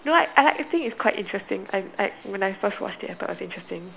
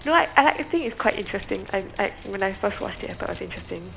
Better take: first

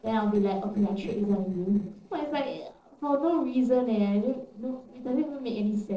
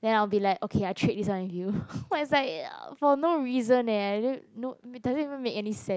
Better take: second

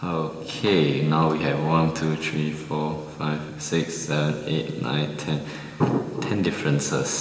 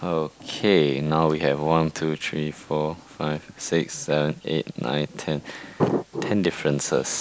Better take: second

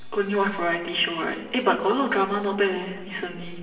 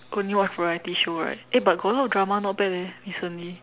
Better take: second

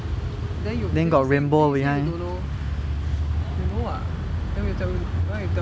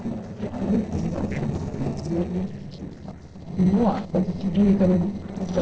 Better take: first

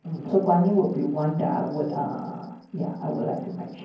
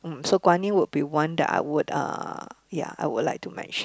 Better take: second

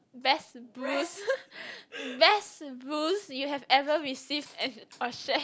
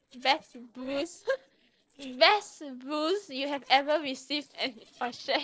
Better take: first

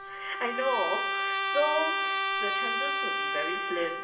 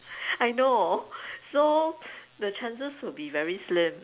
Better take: second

